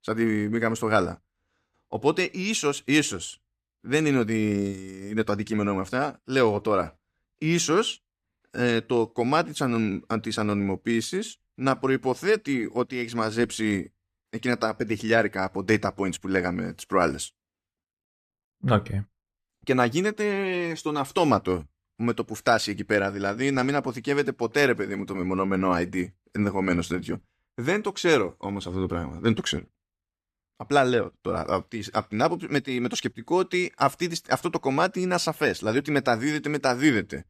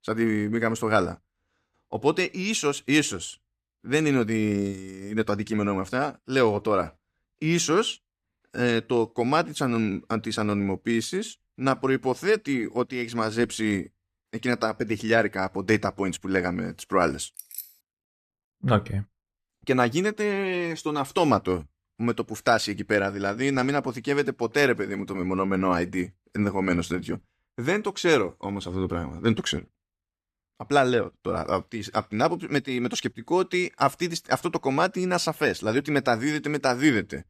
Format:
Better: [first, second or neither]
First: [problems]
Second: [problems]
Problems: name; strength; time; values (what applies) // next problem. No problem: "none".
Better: first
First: none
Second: jangling keys; faint; at 17 s; peak 10 dB below the speech